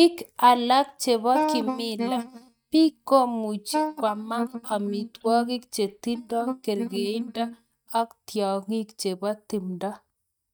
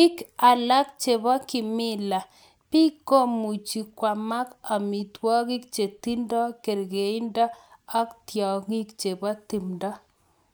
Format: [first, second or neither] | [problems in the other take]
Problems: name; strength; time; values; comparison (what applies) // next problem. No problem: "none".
second | noise reduction (neural mask model DeepFilterNet 3)